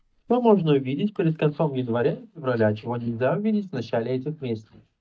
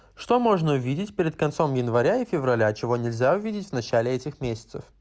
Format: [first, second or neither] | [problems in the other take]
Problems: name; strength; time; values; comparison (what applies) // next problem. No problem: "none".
second | noise reduction (neural mask model DeepFilterNet 3)